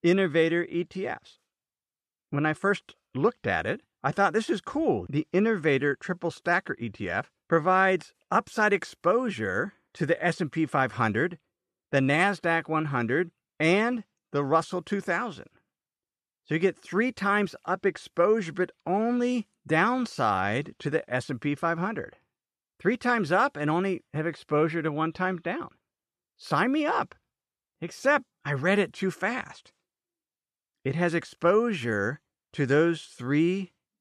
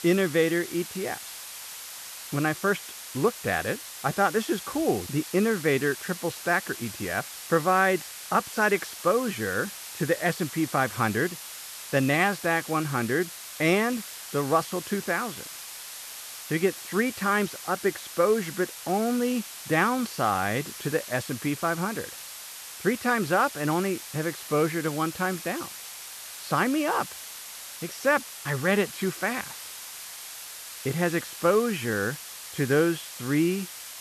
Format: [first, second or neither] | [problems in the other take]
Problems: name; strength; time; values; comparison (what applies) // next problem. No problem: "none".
first | hiss; noticeable; throughout; 10 dB below the speech